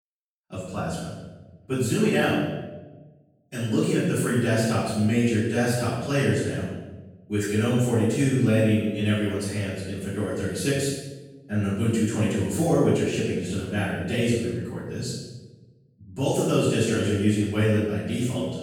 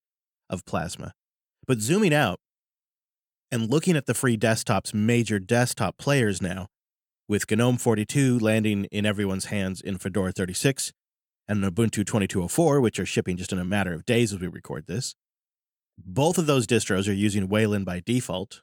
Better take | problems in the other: second | off-mic speech; far // room echo; strong; dies away in 1 s

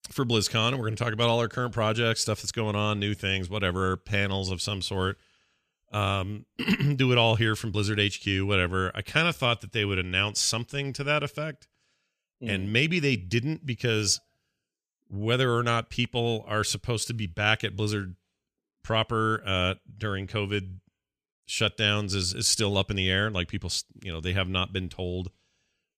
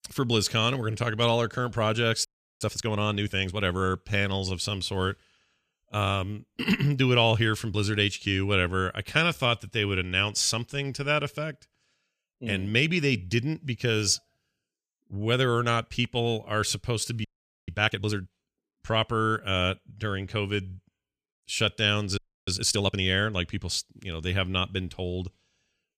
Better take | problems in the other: first | audio freezing; at 2.5 s, at 17 s and at 22 s

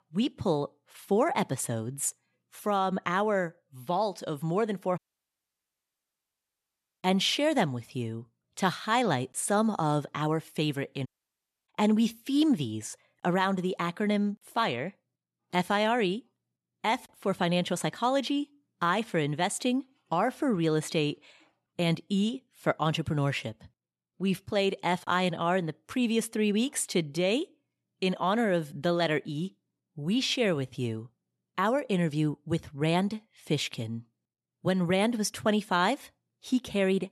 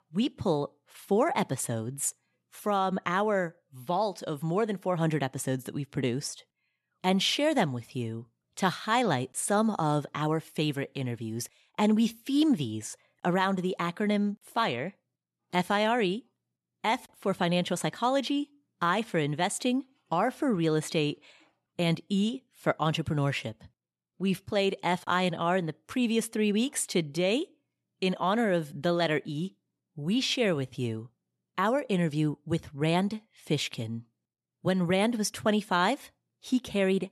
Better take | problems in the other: second | audio cutting out; at 5 s for 2 s and at 11 s for 0.5 s

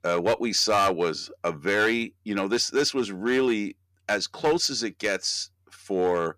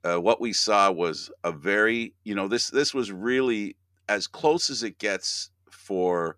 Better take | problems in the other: second | distortion; slight; 4% of the sound clipped

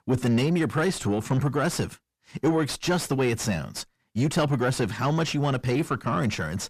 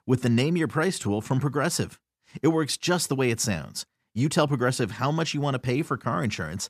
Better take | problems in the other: second | distortion; slight; 9 dB below the speech

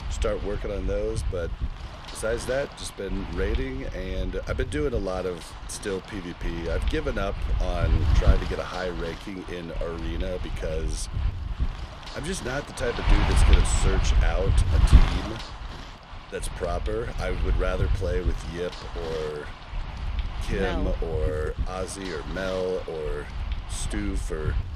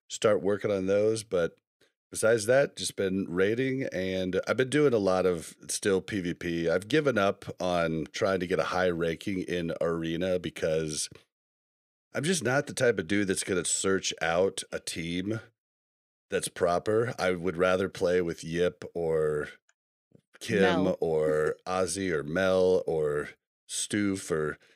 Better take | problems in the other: second | wind noise on the microphone; heavy; 6 dB below the speech

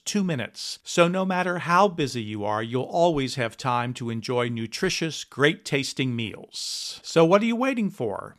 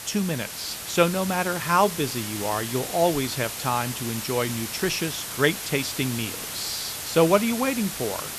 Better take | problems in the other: first | hiss; loud; throughout; 6 dB below the speech

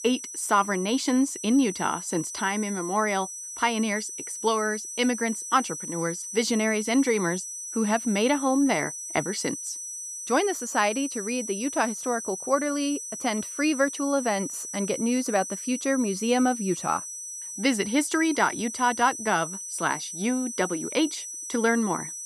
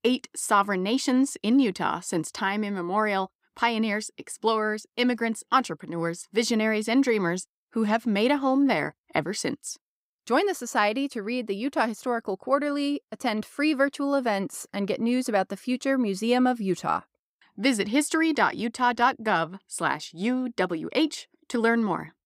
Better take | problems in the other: second | high-pitched whine; loud; throughout; 6 kHz, 7 dB below the speech

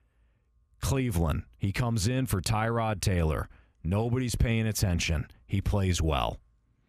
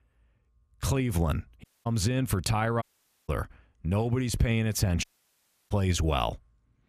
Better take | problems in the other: first | audio cutting out; at 1.5 s, at 3 s and at 5 s for 0.5 s

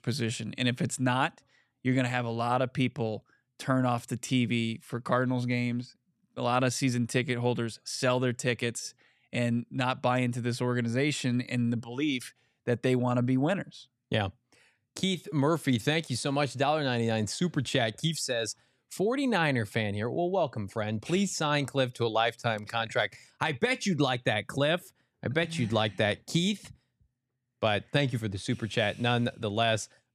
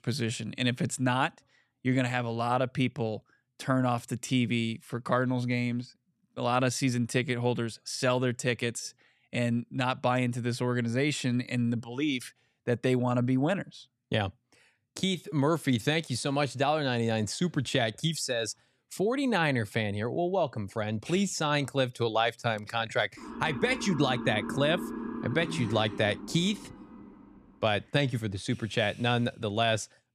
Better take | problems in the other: first | siren; noticeable; from 23 to 27 s; peak 6 dB below the speech

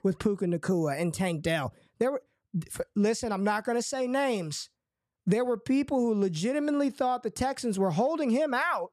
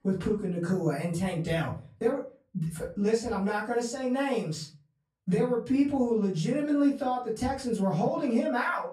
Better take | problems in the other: first | off-mic speech; far // room echo; slight; dies away in 0.4 s

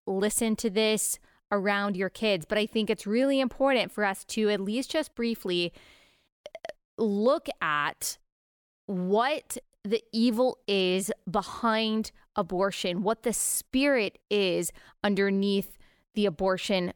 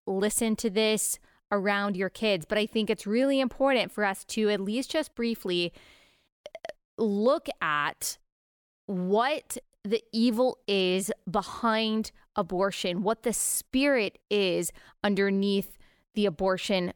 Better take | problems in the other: neither | none

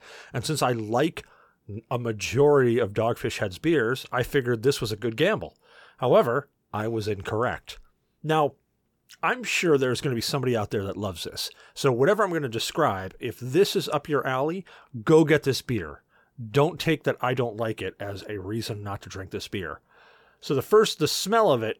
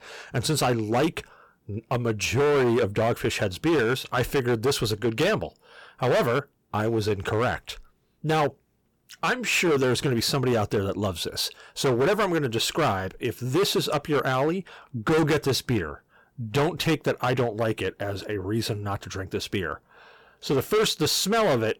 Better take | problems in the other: first | distortion; heavy; 11% of the sound clipped

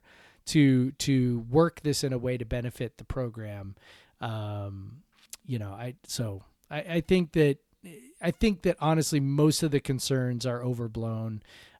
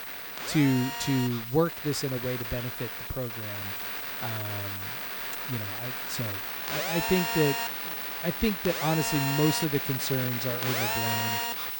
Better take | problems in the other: first | alarms or sirens; loud; throughout; 1 dB below the speech

